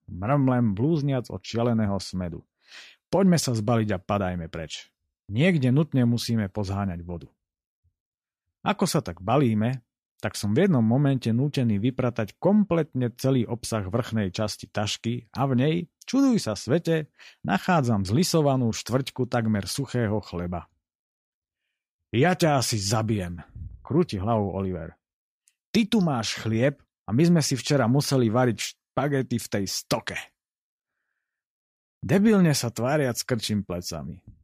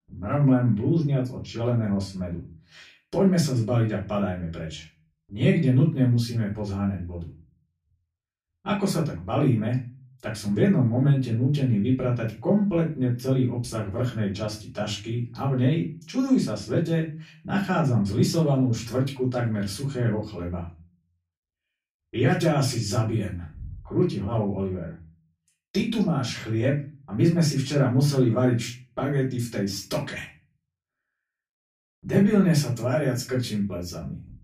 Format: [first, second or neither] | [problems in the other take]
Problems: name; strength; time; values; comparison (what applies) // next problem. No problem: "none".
first | off-mic speech; far // room echo; slight; dies away in 0.3 s